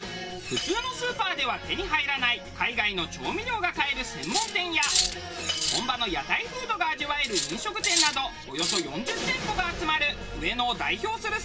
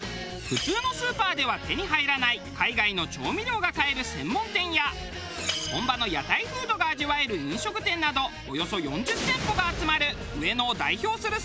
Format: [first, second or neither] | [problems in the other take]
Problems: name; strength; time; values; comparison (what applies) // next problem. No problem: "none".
second | background sound (Cutlery, silverware); 1 dB below the speech // room echo; dies away in 0.2 s